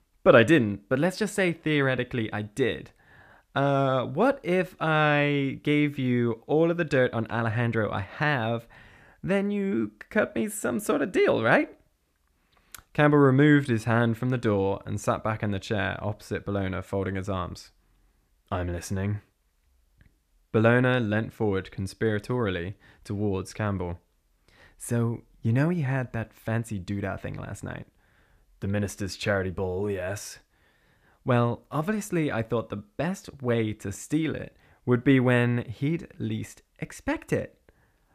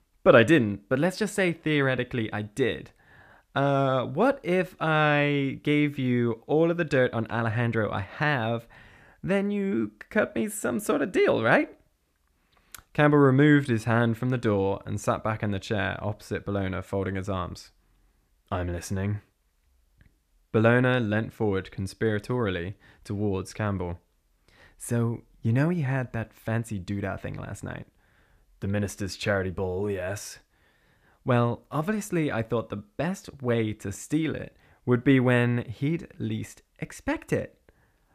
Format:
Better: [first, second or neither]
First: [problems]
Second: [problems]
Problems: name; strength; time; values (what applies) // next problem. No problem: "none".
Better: neither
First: none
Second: none